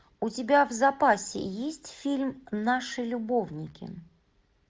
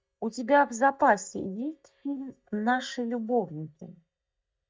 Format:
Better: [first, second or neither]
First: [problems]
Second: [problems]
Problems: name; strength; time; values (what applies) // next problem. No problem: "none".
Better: first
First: none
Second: noise reduction (neural mask model DeepFilterNet 3)